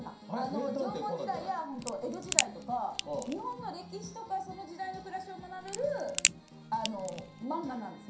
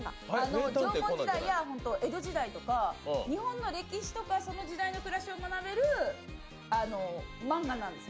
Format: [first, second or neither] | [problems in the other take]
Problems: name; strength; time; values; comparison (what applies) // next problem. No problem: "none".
second | background sound (Crack); 1 dB above the speech // room echo; dies away in 0.5 s